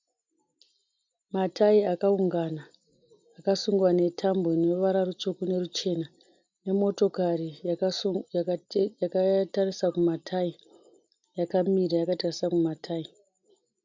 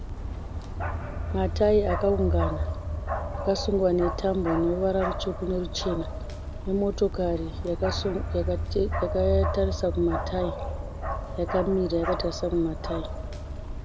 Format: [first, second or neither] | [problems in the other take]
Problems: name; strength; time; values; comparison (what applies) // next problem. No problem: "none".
first | background sound (Bark); 3 dB below the speech